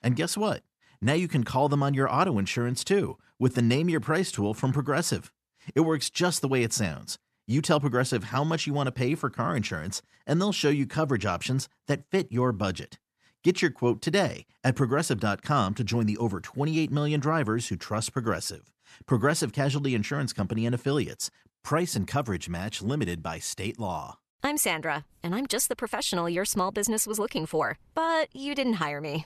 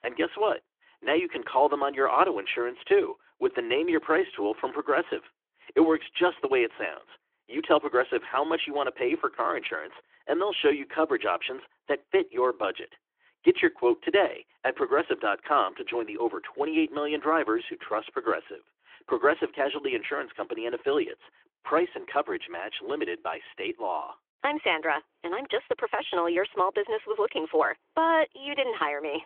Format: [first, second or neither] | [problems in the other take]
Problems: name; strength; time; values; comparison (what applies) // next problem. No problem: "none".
first | phone-call audio; nothing above 3.5 kHz